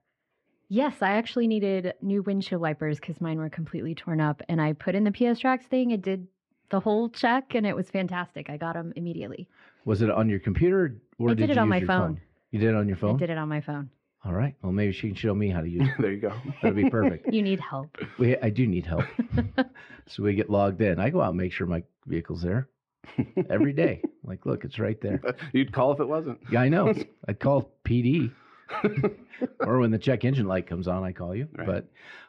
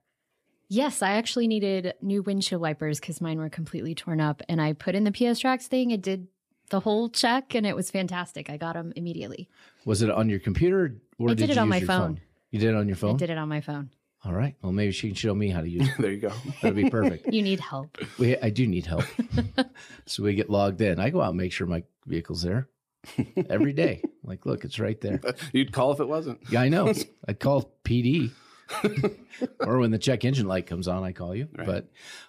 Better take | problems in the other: second | muffled; slightly; fading above 2 kHz

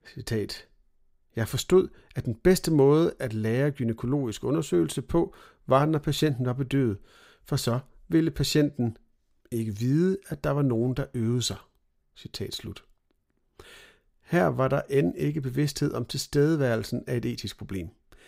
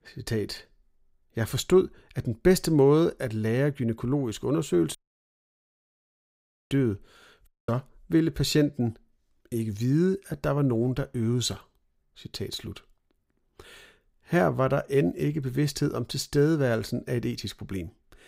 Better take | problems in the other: first | audio cutting out; at 5 s for 2 s and at 7.5 s

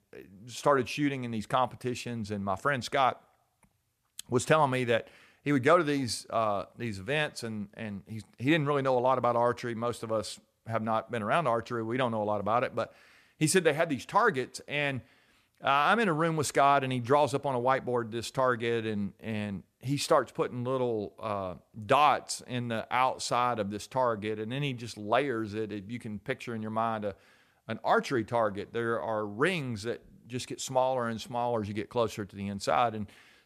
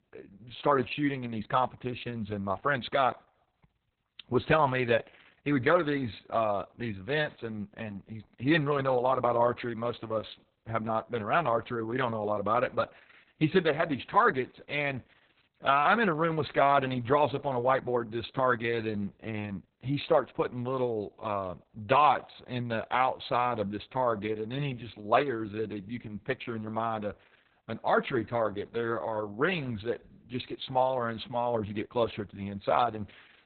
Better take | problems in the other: first | garbled, watery; badly; nothing above 4 kHz

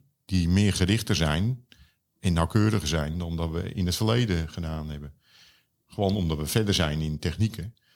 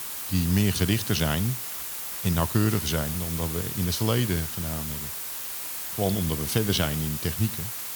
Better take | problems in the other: first | hiss; loud; throughout; 4 dB below the speech

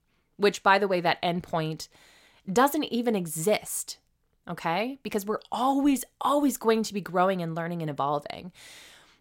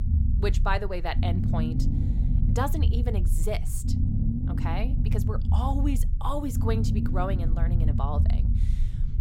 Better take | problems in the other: first | low rumble; loud; throughout; 7 dB below the speech

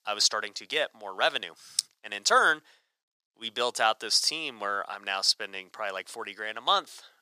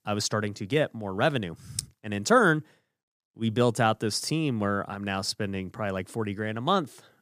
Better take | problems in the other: second | thin; very; fading below 800 Hz

